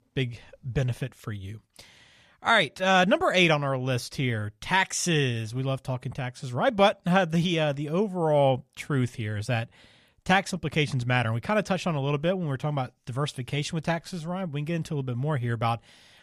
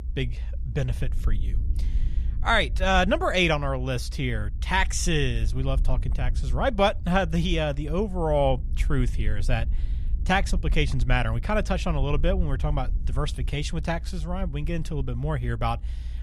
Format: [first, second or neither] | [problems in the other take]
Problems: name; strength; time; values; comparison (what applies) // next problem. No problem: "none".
first | low rumble; faint; throughout; 25 dB below the speech